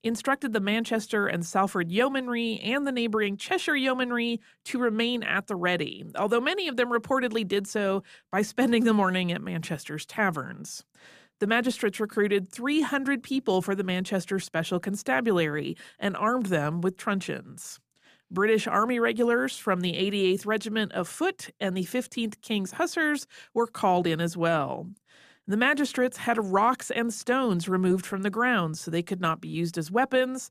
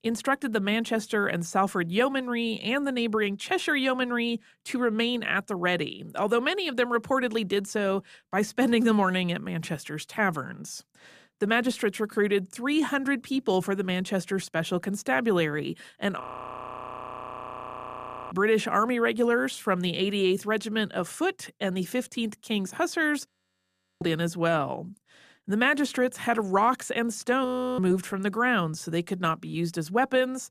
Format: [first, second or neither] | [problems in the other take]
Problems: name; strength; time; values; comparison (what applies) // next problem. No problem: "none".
first | audio freezing; at 16 s for 2 s, at 23 s for 0.5 s and at 27 s